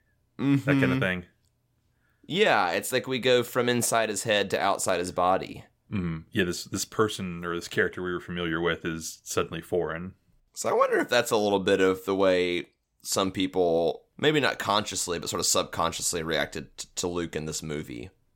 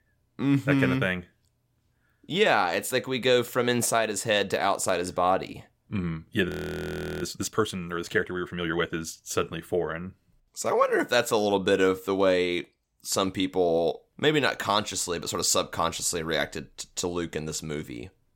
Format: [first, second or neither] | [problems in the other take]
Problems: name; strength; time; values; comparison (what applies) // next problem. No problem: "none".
first | audio freezing; at 6.5 s for 0.5 s